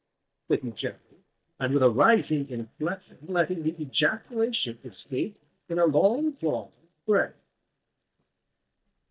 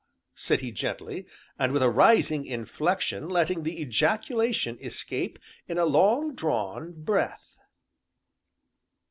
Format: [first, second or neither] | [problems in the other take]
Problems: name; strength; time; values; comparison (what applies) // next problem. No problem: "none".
second | noise reduction (neural mask model DeepFilterNet 3)